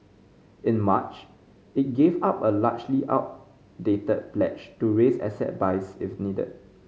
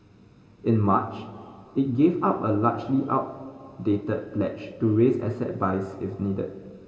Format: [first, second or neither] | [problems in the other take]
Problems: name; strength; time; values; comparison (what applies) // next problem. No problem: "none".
first | room echo; dies away in 2.2 s